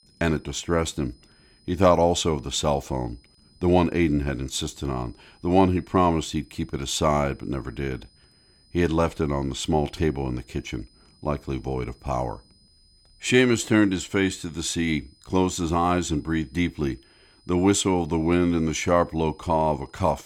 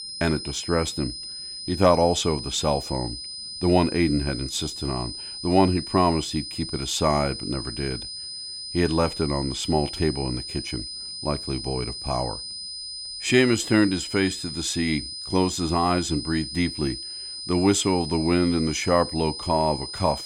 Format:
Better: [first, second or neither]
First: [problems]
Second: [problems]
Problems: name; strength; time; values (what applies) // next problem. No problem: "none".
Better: first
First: high-pitched whine; faint; throughout; 5 kHz, 35 dB below the speech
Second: high-pitched whine; loud; throughout; 5 kHz, 8 dB below the speech